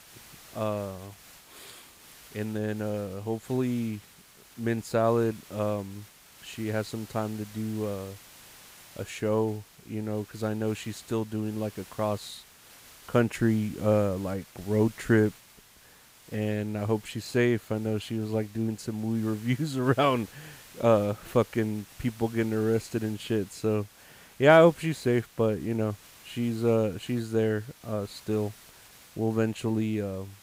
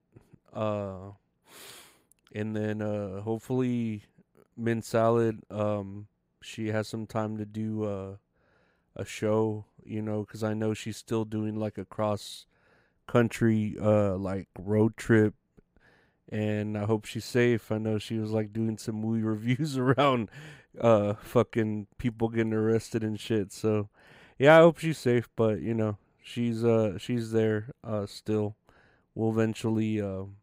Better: second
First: hiss; faint; throughout; 20 dB below the speech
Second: none

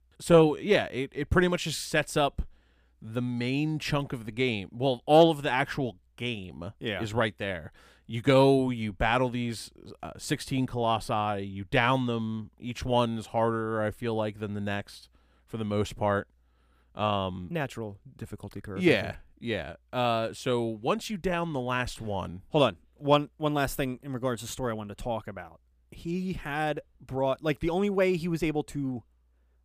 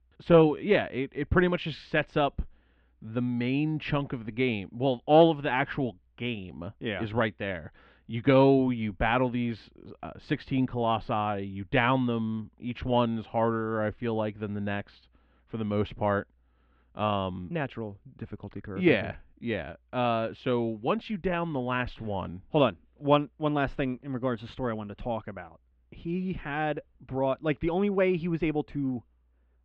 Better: first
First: none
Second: muffled; slightly; fading above 3 kHz

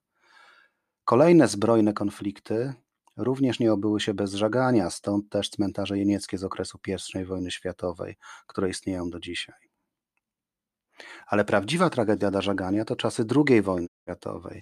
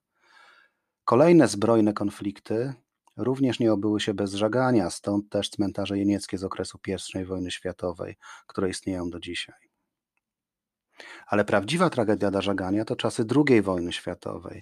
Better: second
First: audio cutting out; at 14 s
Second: none

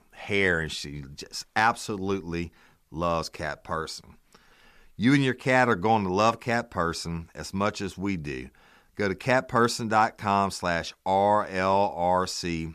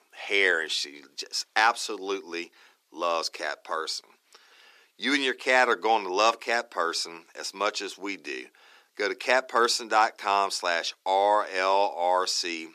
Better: first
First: none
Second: thin; somewhat; fading below 300 Hz

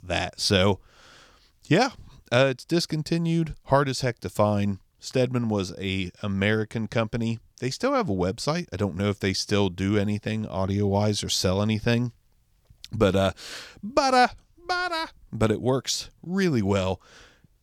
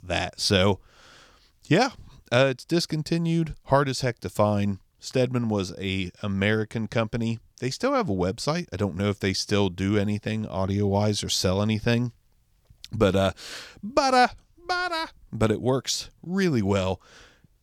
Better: neither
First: none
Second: none

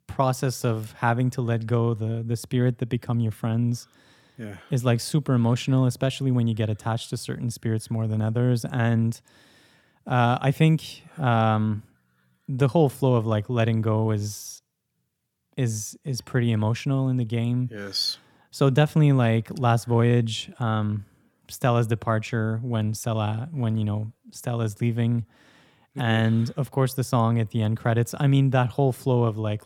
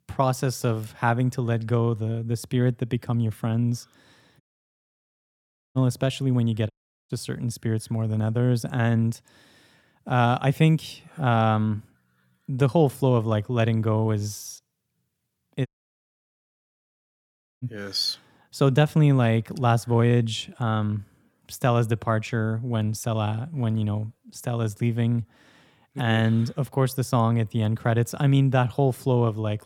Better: first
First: none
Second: audio cutting out; at 4.5 s for 1.5 s, at 6.5 s and at 16 s for 2 s

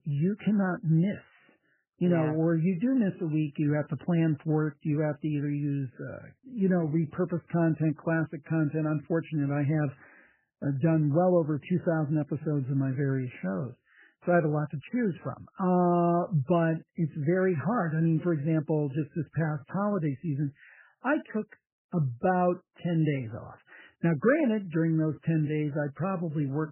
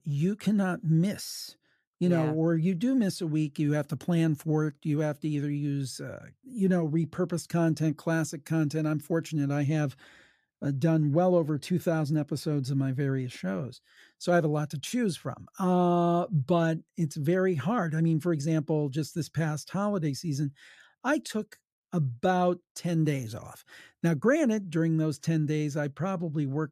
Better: second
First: garbled, watery; badly; nothing above 3 kHz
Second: none

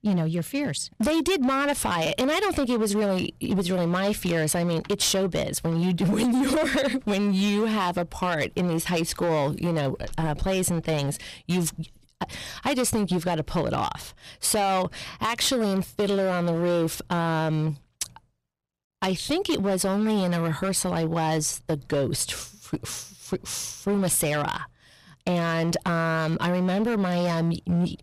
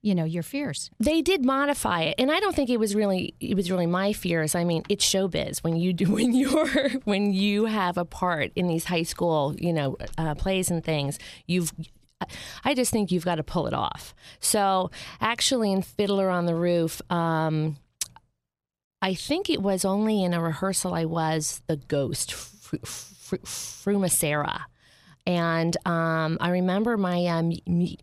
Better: second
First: distortion; slight; 13% of the sound clipped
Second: none

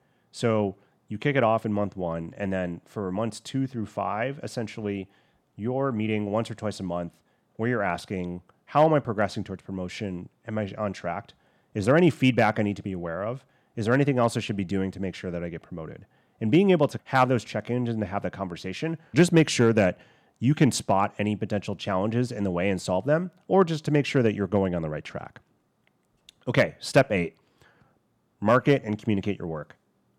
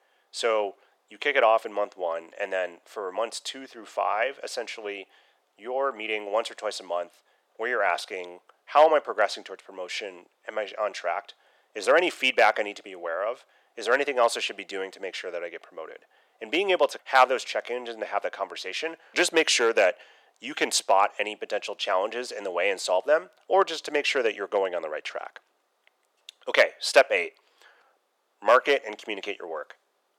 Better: first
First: none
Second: thin; very; fading below 450 Hz

